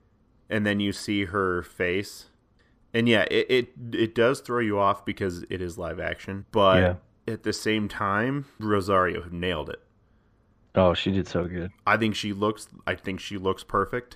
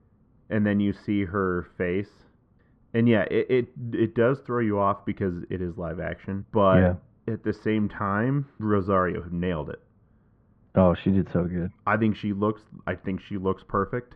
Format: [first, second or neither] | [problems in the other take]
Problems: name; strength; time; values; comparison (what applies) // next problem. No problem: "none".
first | muffled; very; fading above 1.5 kHz